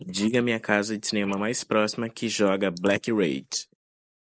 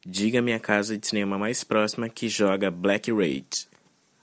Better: second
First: noise reduction (neural mask model Resemble Enhance denoiser)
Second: none

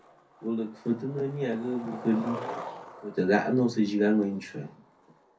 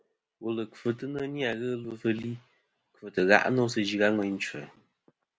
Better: second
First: background sound (Skateboard); 15 dB below the speech // room echo; dies away in 0.3 s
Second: none

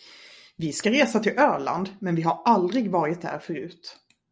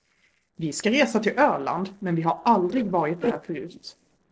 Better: first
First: none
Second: noise reduction (neural separator model SepFormer DNS4)

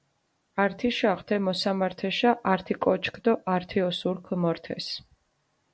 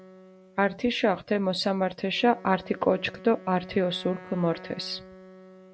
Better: first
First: none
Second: background sound (Wind instrument, woodwind instrument); 20 dB below the speech

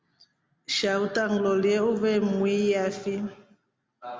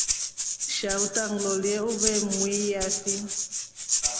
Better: first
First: none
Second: background sound (Rattle (instrument)); 1 dB above the speech

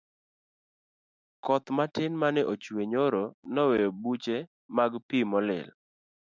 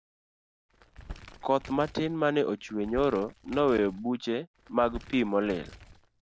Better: first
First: none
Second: background sound (Crumpling, crinkling); 17 dB below the speech

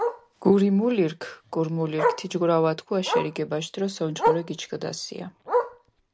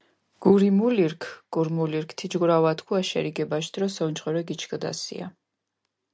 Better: second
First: background sound (Bark); 4 dB below the speech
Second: none

